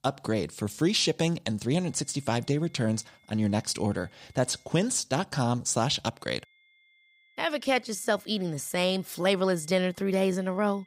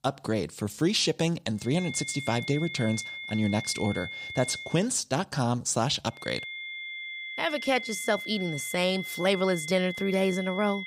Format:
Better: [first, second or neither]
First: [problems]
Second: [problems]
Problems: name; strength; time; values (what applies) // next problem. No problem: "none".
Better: first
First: high-pitched whine; faint; from 1.5 to 4.5 s and from 6 s on; 2 kHz, 35 dB below the speech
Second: high-pitched whine; loud; from 1.5 to 4.5 s and from 6 s on; 2 kHz, 8 dB below the speech